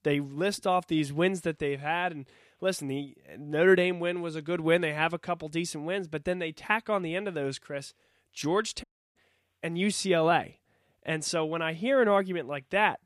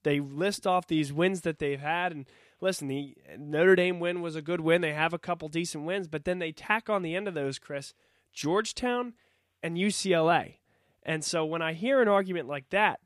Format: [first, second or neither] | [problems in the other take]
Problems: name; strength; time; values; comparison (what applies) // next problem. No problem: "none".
second | audio cutting out; at 9 s